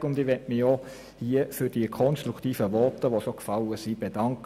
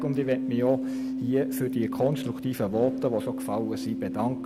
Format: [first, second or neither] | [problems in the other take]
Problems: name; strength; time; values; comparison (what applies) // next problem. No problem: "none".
first | background sound (Keyboard (musical)); 4 dB below the speech